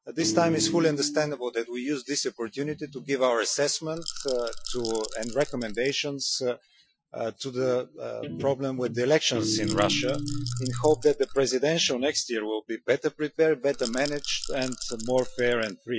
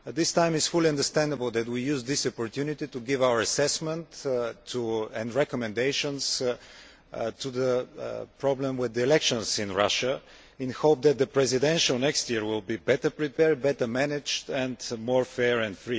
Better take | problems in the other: second | noise reduction (classical method Wiener filter)

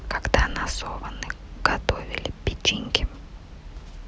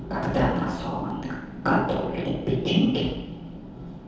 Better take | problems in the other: first | noise reduction (neural separator model SepFormer DNS4)

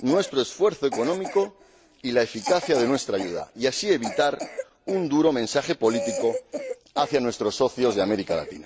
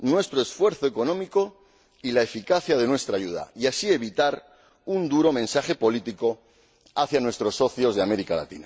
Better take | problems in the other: second | background sound (Cough); 11 dB below the speech

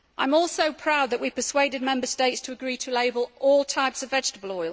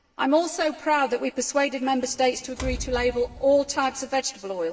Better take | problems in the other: first | background sound (Door); 14 dB below the speech // room echo; dies away in 2.7 s

